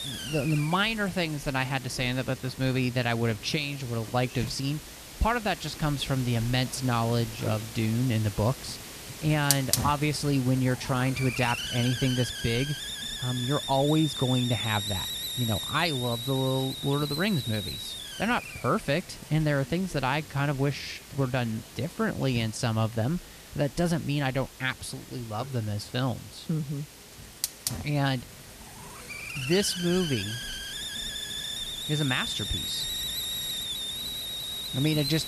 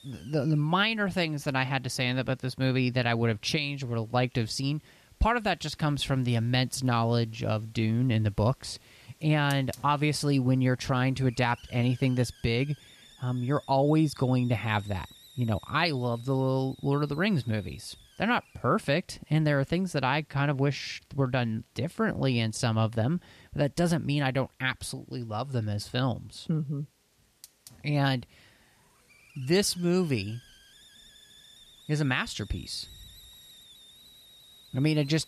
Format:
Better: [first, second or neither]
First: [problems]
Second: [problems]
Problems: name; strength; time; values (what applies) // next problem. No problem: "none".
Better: second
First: hiss; loud; throughout; 5 dB below the speech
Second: hiss; faint; throughout; 25 dB below the speech